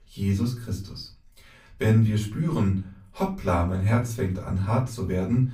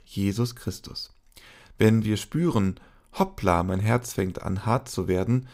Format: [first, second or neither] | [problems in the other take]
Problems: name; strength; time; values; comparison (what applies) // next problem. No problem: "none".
second | room echo; slight; dies away in 0.3 s // off-mic speech; far